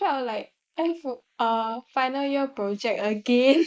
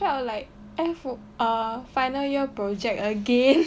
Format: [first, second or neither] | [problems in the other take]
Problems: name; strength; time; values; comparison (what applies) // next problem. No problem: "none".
second | noise reduction (neural mask model Resemble Enhance denoiser)